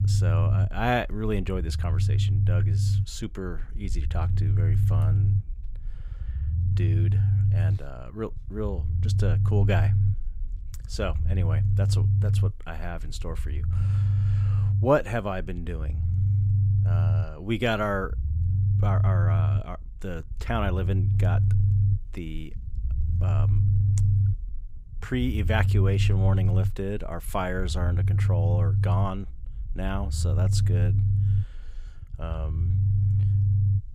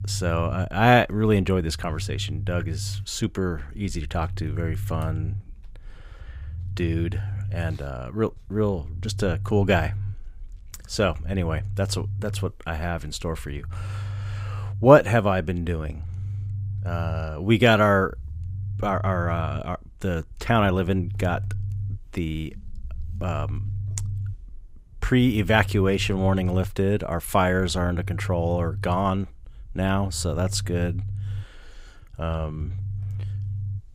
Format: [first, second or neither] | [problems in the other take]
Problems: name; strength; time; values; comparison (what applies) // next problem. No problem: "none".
second | low rumble; loud; throughout; 6 dB below the speech; faint in the second